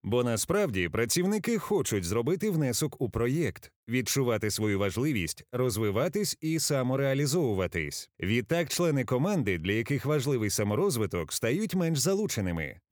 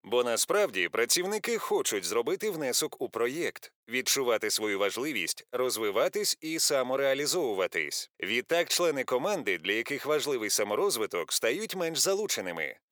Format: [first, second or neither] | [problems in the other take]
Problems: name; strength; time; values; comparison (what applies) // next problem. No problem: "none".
first | thin; very; fading below 500 Hz